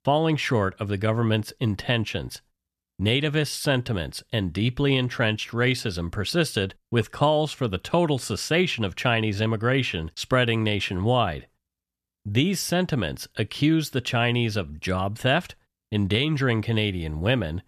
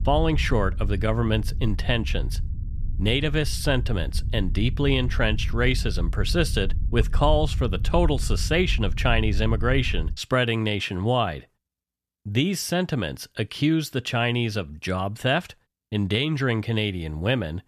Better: first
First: none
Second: low rumble; faint; until 10 s; 20 dB below the speech

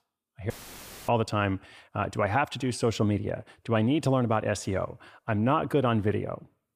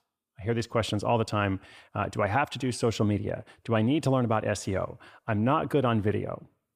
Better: second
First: audio cutting out; filled with static; at 0.5 s for 0.5 s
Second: none

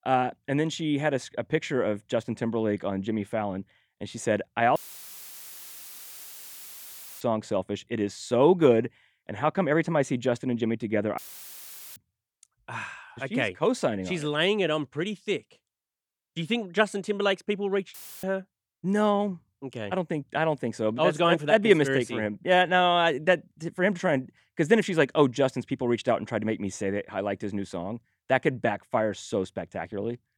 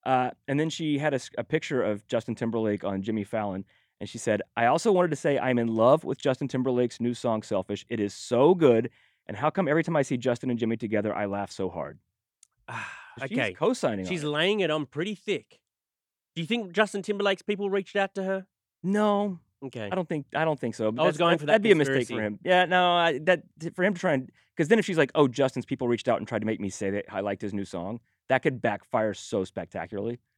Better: second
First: audio cutting out; filled with static; at 5 s for 2.5 s, at 11 s for 1 s and at 18 s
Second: none

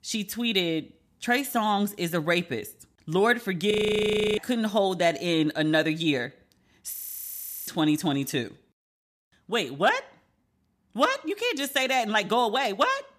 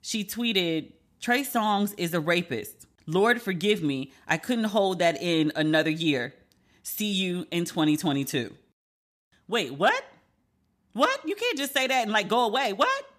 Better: second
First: audio freezing; at 3.5 s for 0.5 s and at 7 s for 0.5 s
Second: none

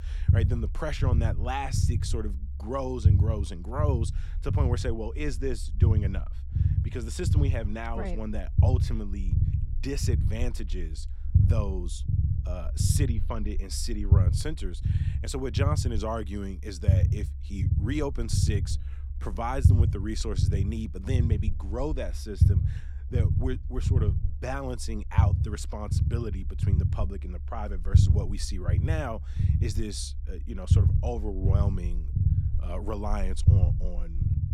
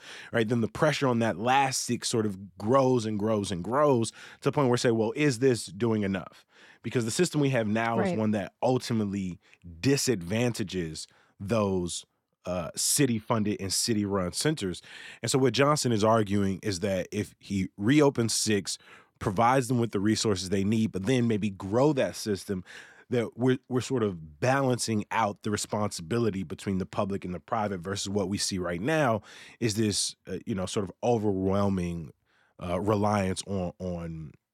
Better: second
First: low rumble; loud; throughout; 5 dB below the speech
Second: none

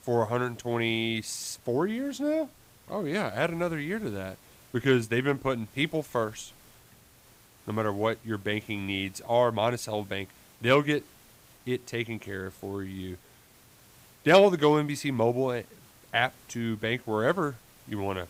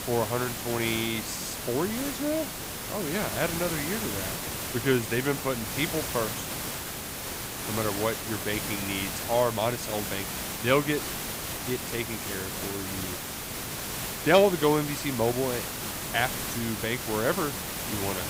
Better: first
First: hiss; faint; throughout; 25 dB below the speech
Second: hiss; loud; throughout; 3 dB below the speech

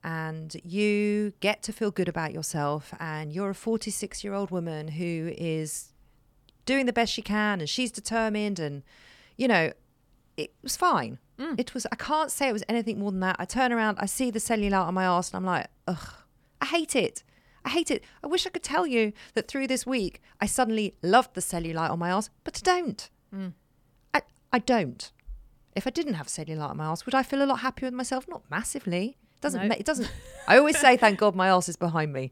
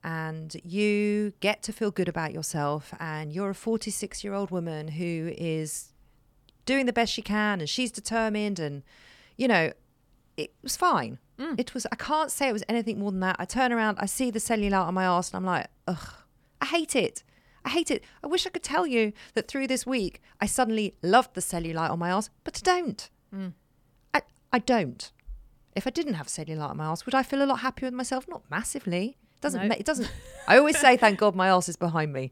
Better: neither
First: none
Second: none

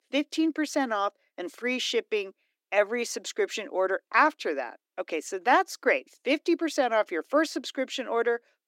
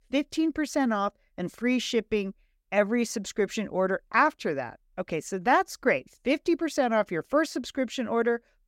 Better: second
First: thin; very slightly; fading below 300 Hz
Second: none

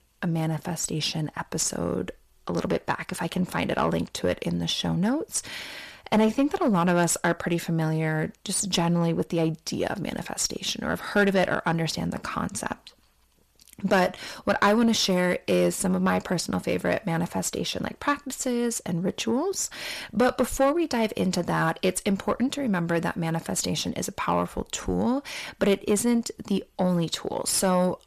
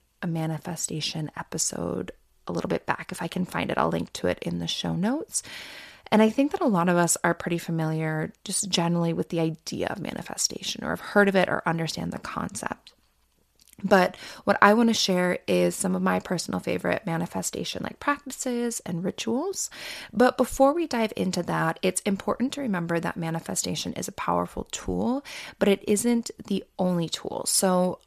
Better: second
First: distortion; slight; 10 dB below the speech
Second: none

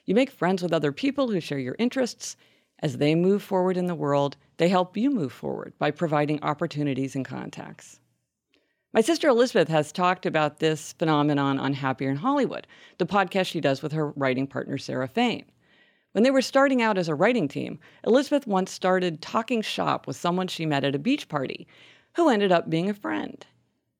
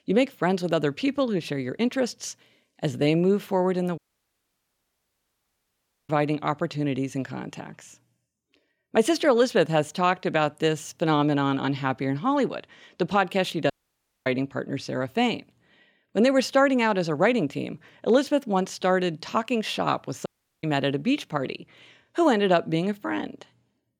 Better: first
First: none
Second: audio cutting out; at 4 s for 2 s, at 14 s for 0.5 s and at 20 s

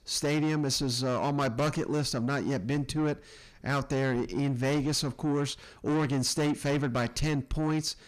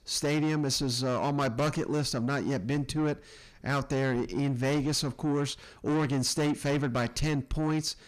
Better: neither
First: distortion; heavy; 7 dB below the speech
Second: distortion; heavy; 7 dB below the speech

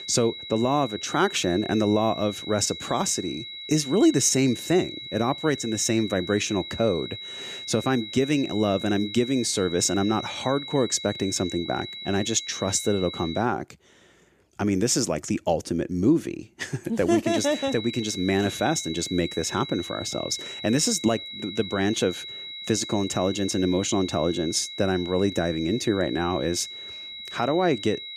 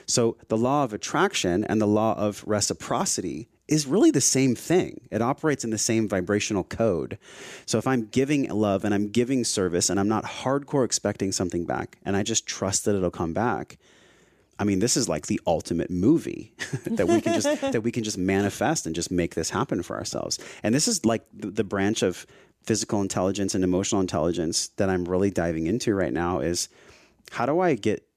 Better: second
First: high-pitched whine; loud; until 13 s and from 17 s on; 4 kHz, 10 dB below the speech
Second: none

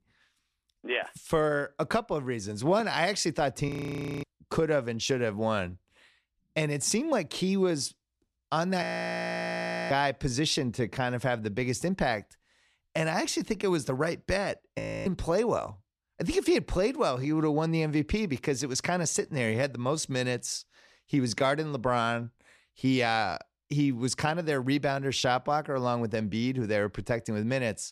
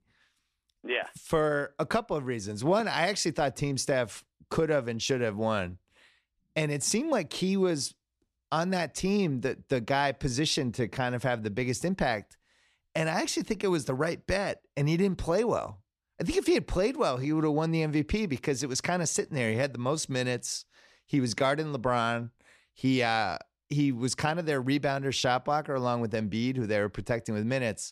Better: second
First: audio freezing; at 3.5 s for 0.5 s, at 9 s for 1 s and at 15 s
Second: none

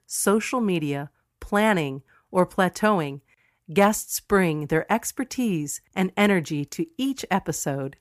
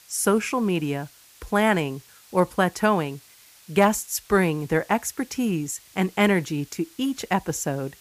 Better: first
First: none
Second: hiss; faint; throughout; 25 dB below the speech

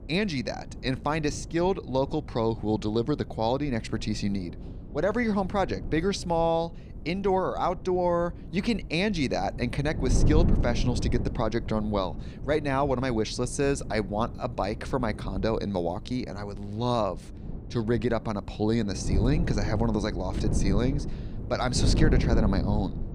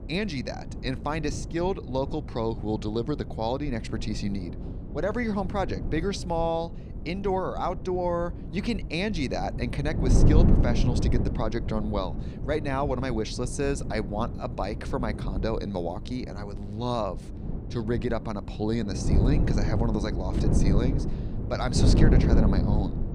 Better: first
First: wind noise on the microphone; occasional gusts; 15 dB below the speech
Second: wind noise on the microphone; heavy; 7 dB below the speech

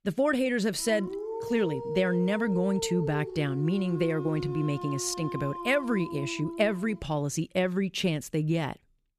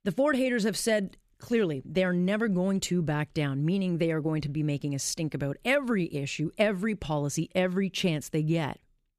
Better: second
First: dog barking; noticeable; from 1 to 7 s; peak 5 dB below the speech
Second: none

